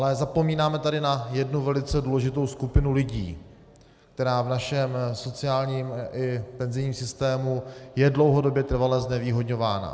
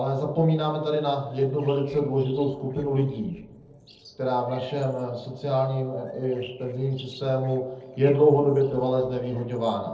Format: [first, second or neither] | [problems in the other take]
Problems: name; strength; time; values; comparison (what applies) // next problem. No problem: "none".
first | noise reduction (neural separator model SepFormer DNS4)